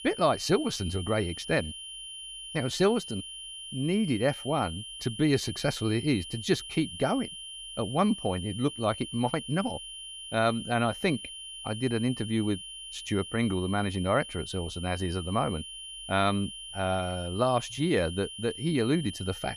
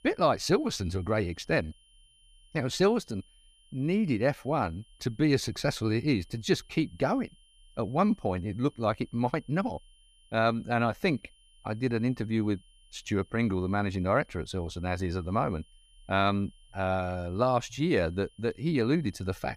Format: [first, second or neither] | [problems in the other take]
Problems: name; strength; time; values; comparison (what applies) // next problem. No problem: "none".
second | high-pitched whine; loud; throughout; 3 kHz, 10 dB below the speech; faint in the second